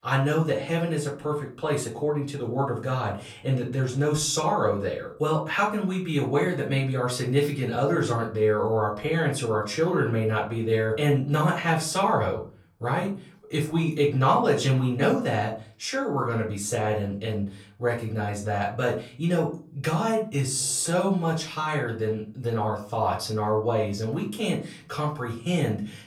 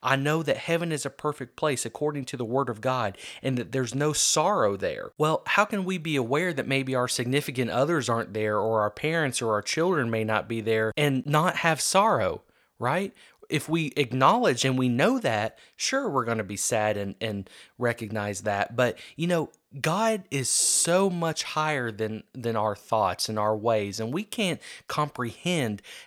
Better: second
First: off-mic speech; far // room echo; slight; dies away in 0.4 s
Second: none

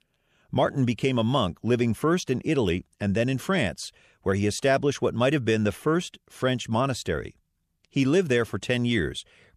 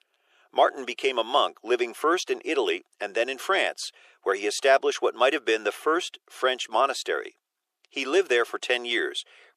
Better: first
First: none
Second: thin; very; fading below 350 Hz

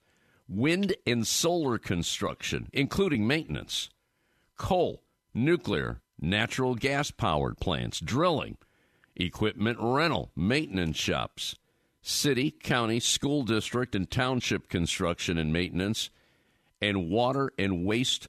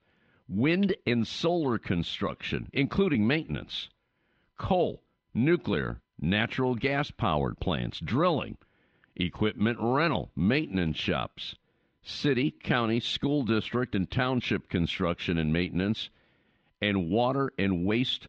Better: first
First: none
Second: muffled; slightly; fading above 3.5 kHz

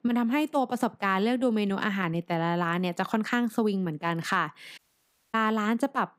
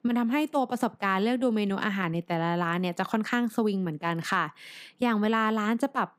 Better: second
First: audio cutting out; at 5 s for 0.5 s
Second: none

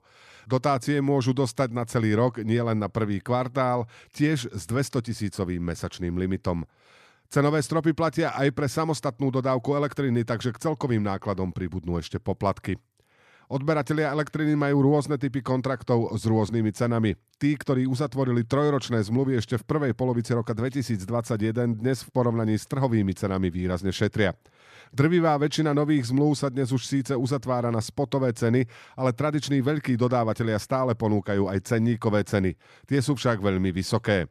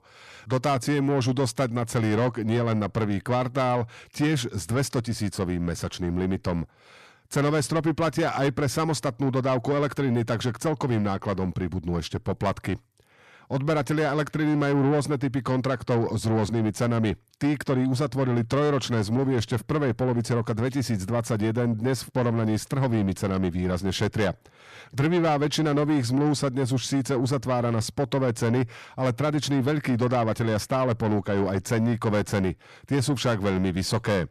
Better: first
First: none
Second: distortion; slight; 10 dB below the speech

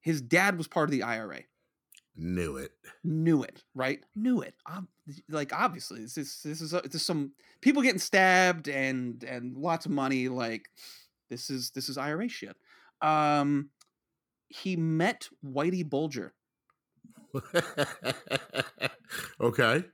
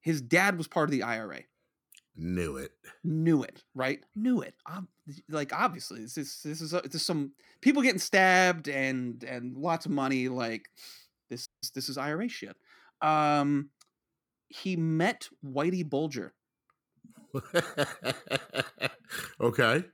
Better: first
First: none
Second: audio cutting out; at 11 s

